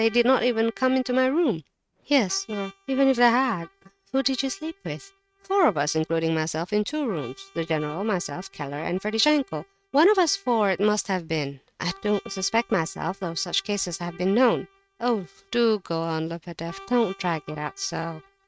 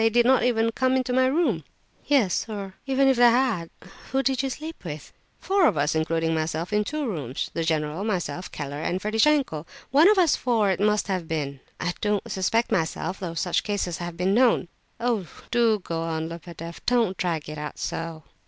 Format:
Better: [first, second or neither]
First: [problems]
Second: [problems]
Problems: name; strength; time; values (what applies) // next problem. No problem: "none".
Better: second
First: noise reduction (neural mask model RNNoise)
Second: none